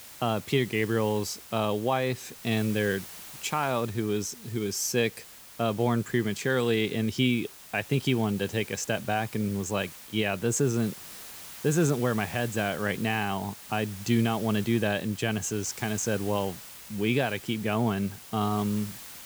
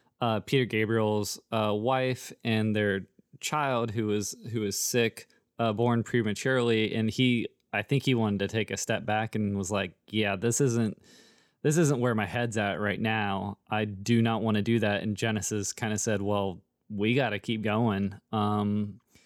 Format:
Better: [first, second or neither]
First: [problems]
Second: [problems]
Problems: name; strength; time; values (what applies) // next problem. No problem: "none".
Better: second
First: hiss; noticeable; throughout; 15 dB below the speech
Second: none